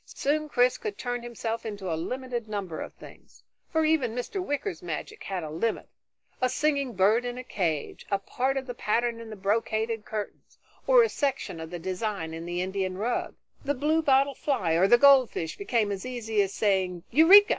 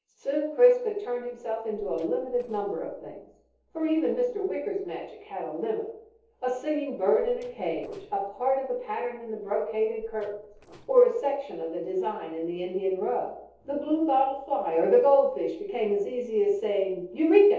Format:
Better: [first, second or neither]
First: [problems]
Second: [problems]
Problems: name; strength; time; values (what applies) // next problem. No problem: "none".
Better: first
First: none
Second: noise reduction (neural separator model SepFormer DNS4)